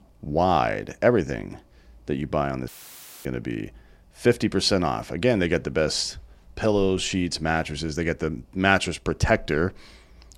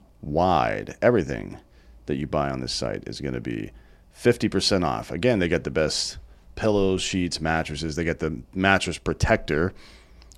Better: second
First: audio cutting out; filled with static; at 2.5 s for 0.5 s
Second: none

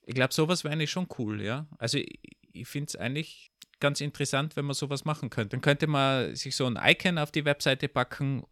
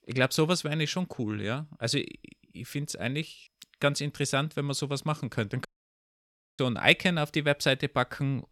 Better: first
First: none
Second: audio cutting out; at 5.5 s for 1 s

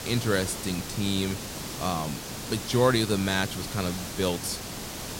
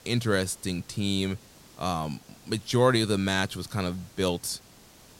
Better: second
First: hiss; loud; throughout; 7 dB below the speech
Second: hiss; faint; throughout; 25 dB below the speech

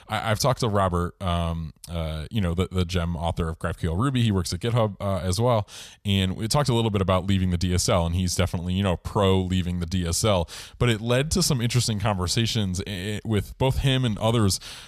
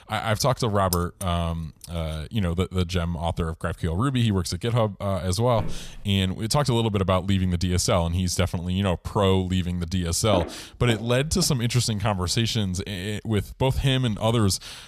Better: first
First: none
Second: jangling keys; noticeable; at 1 s; peak 7 dB below the speech // footsteps; faint; at 5.5 s; peak 15 dB below the speech // footsteps; noticeable; from 10 to 11 s; peak 7 dB below the speech

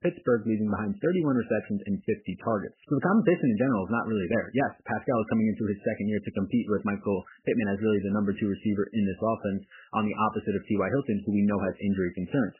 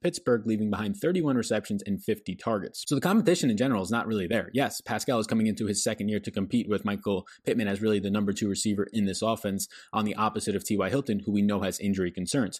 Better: second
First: garbled, watery; badly; nothing above 3 kHz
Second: none

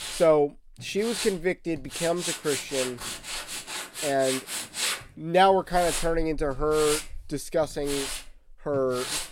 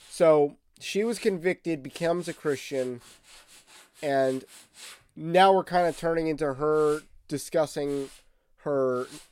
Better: second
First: machinery noise; loud; throughout; 6 dB below the speech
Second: machinery noise; faint; throughout; 25 dB below the speech

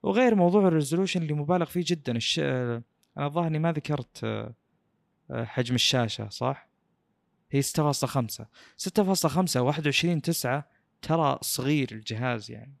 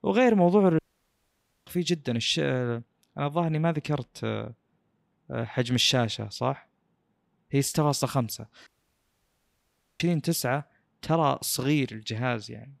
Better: first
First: none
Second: audio cutting out; at 1 s for 1 s and at 8.5 s for 1.5 s

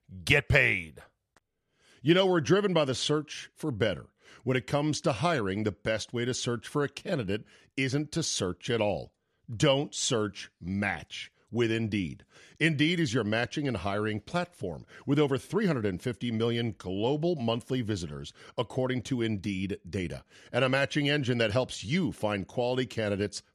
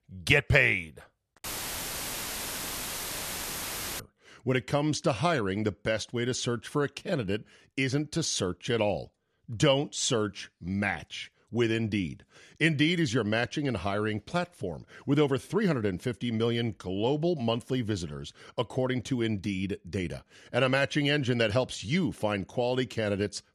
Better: first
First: none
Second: audio cutting out; filled with static; at 1.5 s for 2.5 s

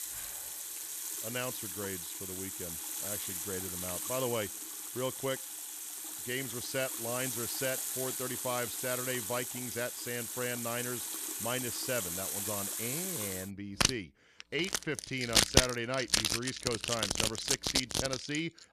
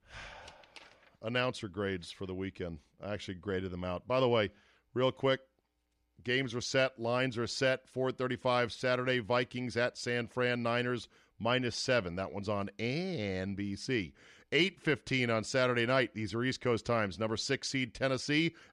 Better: second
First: household noises; very loud; throughout; 4 dB above the speech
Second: none

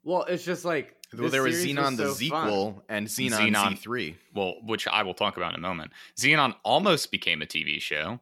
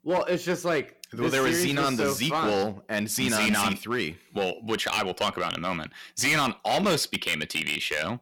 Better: first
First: none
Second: distortion; heavy; 9% of the sound clipped

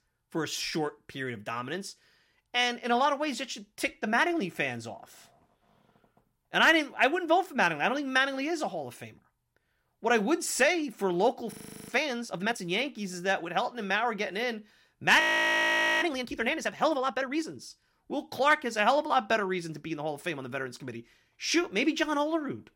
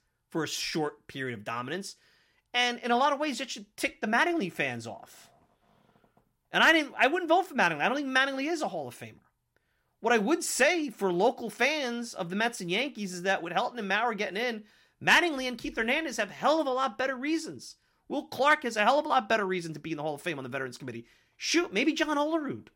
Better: second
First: audio freezing; at 12 s and at 15 s for 1 s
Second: none

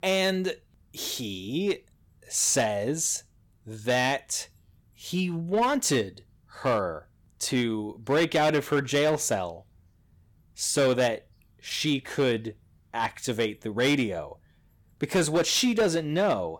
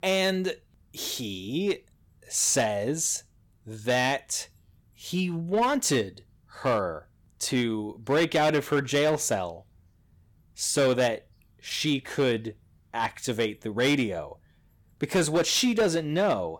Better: neither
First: distortion; slight; 5% of the sound clipped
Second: distortion; slight; 5% of the sound clipped

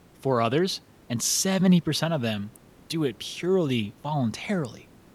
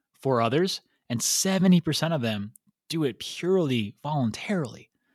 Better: second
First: hiss; faint; throughout; 30 dB below the speech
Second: none

